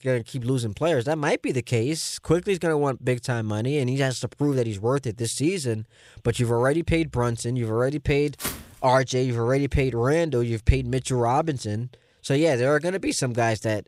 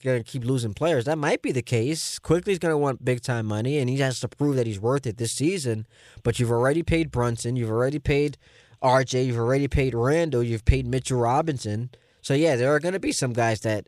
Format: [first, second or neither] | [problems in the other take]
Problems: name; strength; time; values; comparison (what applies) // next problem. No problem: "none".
second | footsteps; noticeable; at 8.5 s; peak 7 dB below the speech